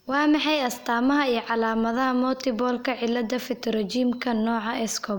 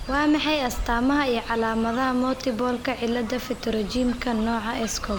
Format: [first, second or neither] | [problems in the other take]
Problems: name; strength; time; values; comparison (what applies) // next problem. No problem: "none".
first | background sound (Fowl); 11 dB below the speech